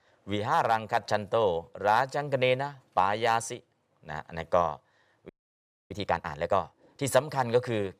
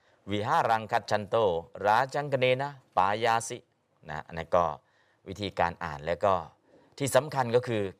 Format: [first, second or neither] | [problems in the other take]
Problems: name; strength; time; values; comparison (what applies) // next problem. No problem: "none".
second | audio freezing; at 5.5 s for 0.5 s